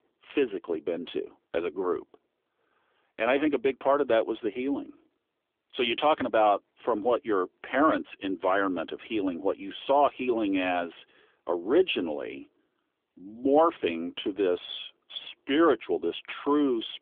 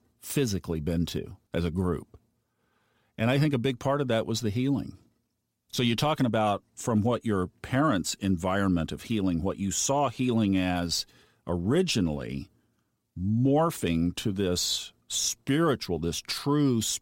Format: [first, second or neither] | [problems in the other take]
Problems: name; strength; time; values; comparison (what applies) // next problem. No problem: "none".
second | phone-call audio; nothing above 3.5 kHz